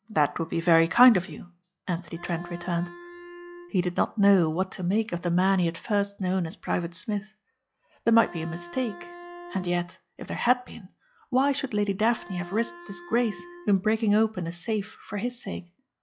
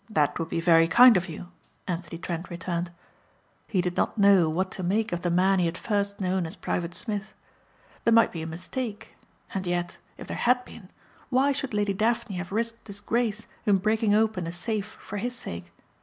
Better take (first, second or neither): second